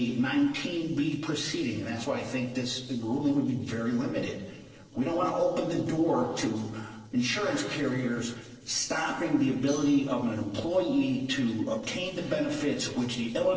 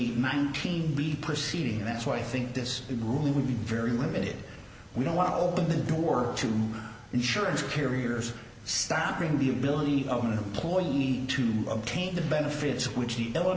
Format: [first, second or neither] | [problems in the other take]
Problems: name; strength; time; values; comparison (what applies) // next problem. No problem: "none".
second | noise reduction (neural separator model SepFormer DNS4)